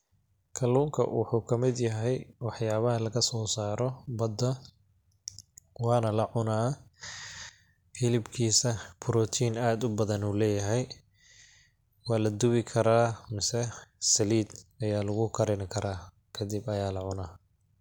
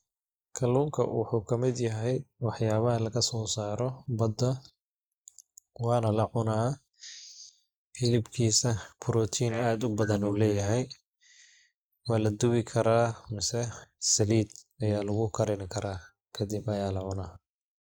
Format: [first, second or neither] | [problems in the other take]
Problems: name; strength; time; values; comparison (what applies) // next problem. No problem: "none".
first | noise reduction (neural mask model Resemble Enhance denoiser)